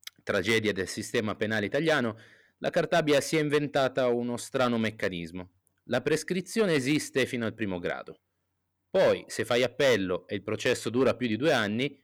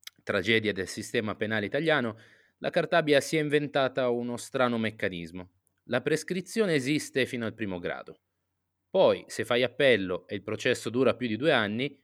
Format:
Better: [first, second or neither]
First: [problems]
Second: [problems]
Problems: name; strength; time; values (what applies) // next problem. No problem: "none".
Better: second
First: distortion; slight; 4% of the sound clipped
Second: none